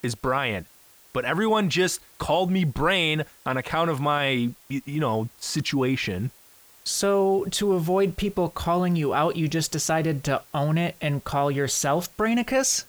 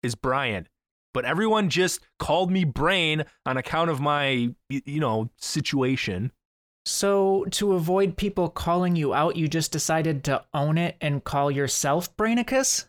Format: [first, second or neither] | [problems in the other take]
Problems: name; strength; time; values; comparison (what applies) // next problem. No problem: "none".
second | hiss; faint; throughout; 25 dB below the speech